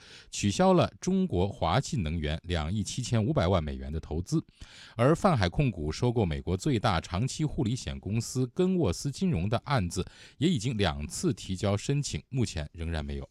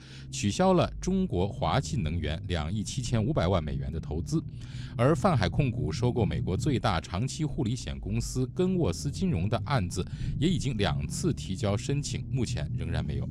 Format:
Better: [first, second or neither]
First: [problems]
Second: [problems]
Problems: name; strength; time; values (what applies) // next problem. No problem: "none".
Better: first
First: none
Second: low rumble; noticeable; throughout; 15 dB below the speech